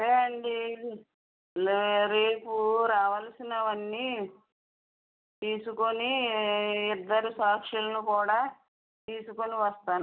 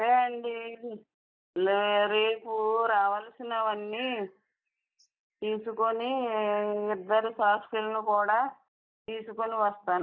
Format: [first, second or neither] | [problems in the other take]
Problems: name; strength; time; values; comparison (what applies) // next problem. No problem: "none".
first | noise reduction (neural mask model DeepFilterNet 3)